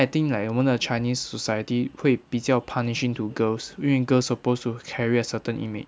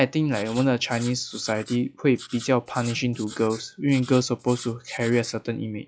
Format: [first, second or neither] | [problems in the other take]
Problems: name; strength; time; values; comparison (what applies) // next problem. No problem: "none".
first | noise reduction (classical method log-MMSE)